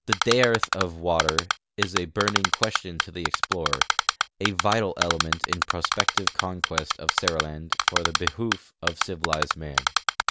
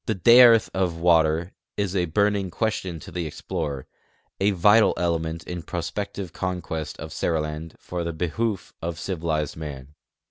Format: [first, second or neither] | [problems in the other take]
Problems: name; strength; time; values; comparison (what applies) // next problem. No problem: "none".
second | background sound (Typing); 3 dB above the speech